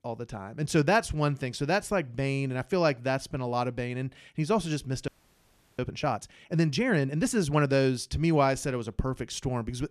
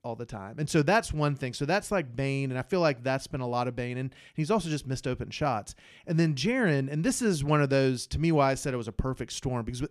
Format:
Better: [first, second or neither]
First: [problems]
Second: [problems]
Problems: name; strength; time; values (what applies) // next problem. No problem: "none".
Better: second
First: audio freezing; at 5 s for 0.5 s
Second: none